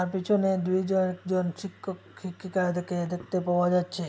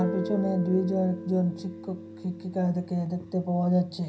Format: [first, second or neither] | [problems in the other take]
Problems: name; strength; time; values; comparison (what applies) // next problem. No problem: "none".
first | background sound (Guitar); 11 dB below the speech // room echo; dies away in 0.4 s